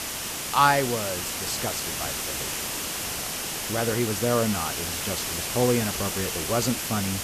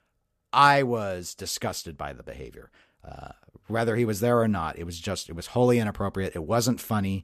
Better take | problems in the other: second | hiss; loud; throughout; 2 dB below the speech

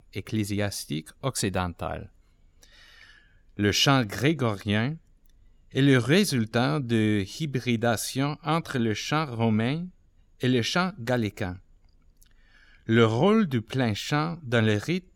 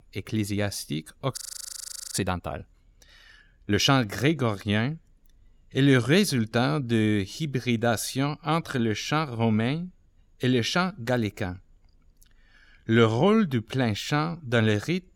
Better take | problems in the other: first | audio freezing; at 1.5 s for 1 s

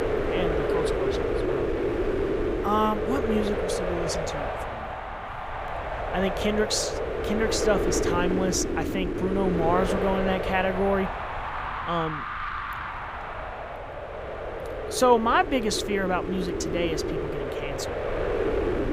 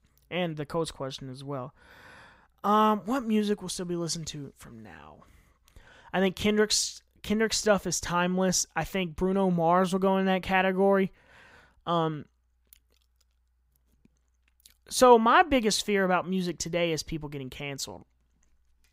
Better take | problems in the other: second | wind noise on the microphone; heavy; 2 dB below the speech

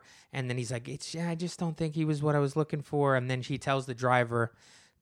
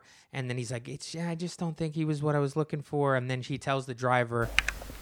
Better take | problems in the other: first | keyboard typing; loud; at 4.5 s; peak 2 dB above the speech

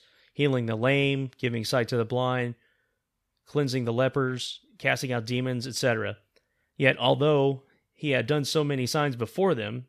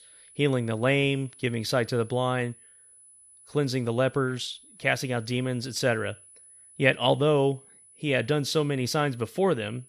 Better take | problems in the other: first | high-pitched whine; faint; throughout; 10 kHz, 25 dB below the speech

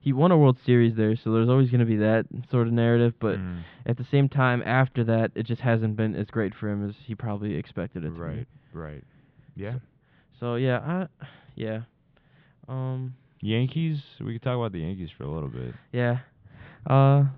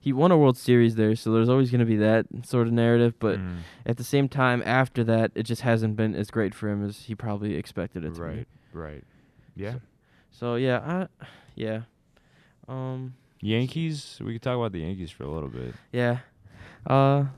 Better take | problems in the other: second | muffled; slightly; fading above 3.5 kHz

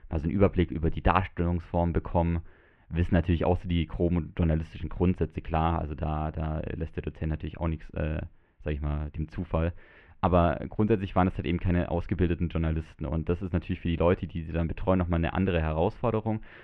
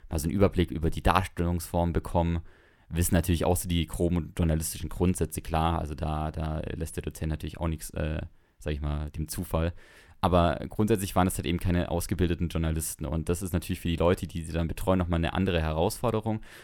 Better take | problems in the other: second | muffled; very; fading above 2.5 kHz

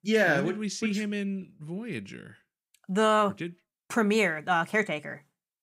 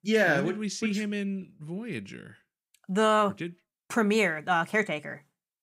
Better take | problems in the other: neither | none

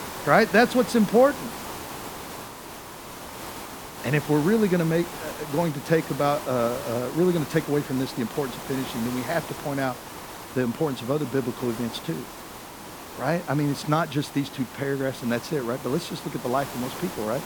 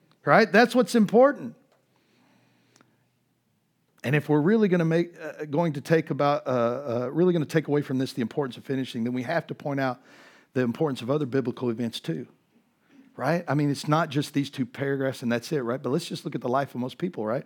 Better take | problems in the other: second | hiss; noticeable; throughout; 10 dB below the speech

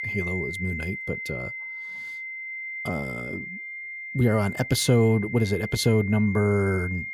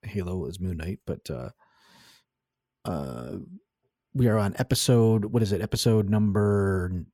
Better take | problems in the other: second | high-pitched whine; loud; throughout; 2 kHz, 8 dB below the speech

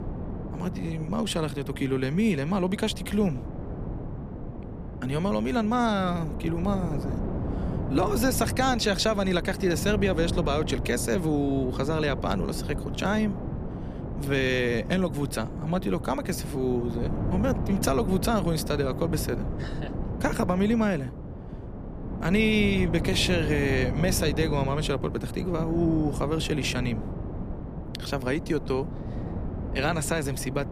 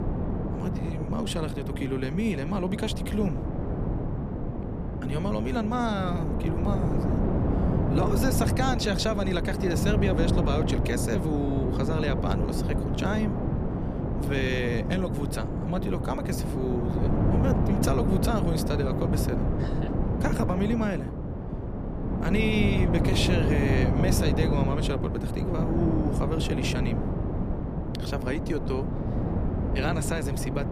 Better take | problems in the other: first | wind noise on the microphone; heavy; 3 dB below the speech; occasional gusts in the first

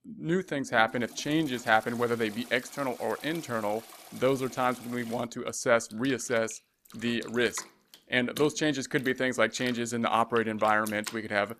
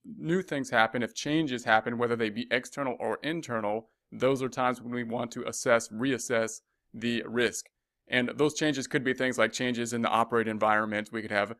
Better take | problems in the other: second | household noises; noticeable; throughout; 15 dB below the speech

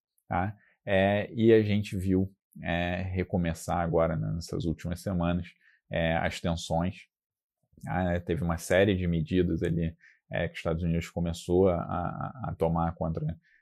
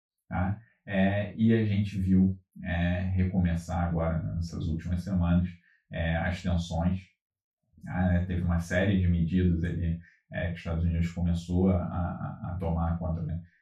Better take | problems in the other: first | room echo; noticeable; dies away in 0.2 s // off-mic speech; far

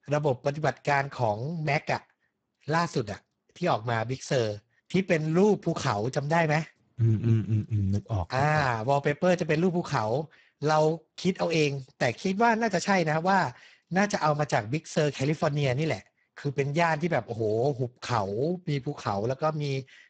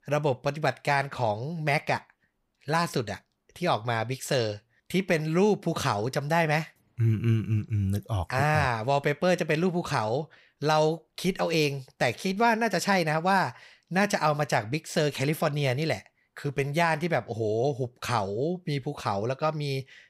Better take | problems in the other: second | garbled, watery; badly; nothing above 7.5 kHz

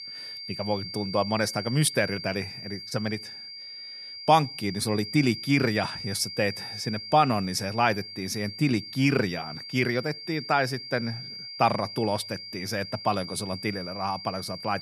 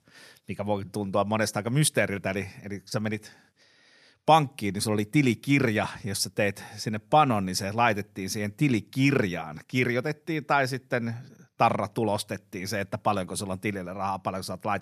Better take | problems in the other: second | high-pitched whine; loud; throughout; 4.5 kHz, 9 dB below the speech

